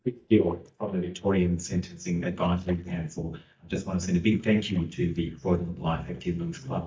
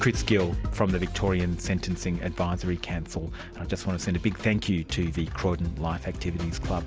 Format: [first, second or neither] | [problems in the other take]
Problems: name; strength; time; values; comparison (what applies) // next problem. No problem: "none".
second | noise reduction (neural mask model DeepFilterNet 3)